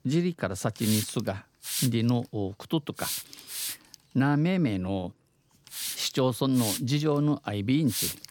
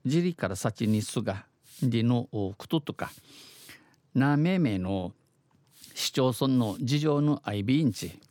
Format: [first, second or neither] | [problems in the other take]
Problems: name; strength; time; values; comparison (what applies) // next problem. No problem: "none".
second | hiss; loud; throughout; 5 dB below the speech; faint in the second